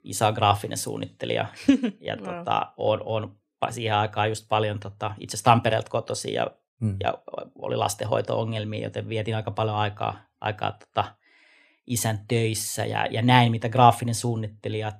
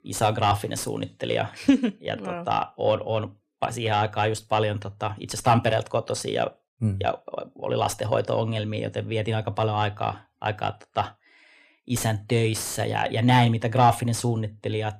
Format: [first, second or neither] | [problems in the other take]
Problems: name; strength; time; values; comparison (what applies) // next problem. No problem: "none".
first | distortion; slight; 10 dB below the speech